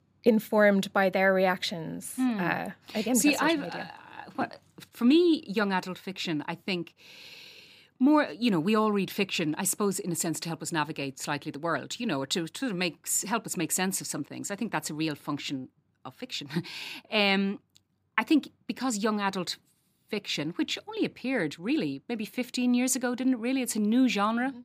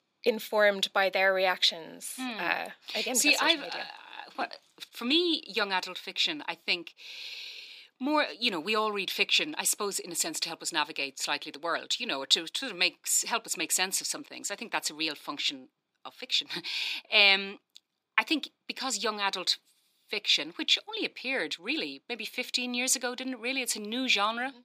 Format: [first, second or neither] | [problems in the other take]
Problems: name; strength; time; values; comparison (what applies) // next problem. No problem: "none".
first | thin; somewhat; fading below 450 Hz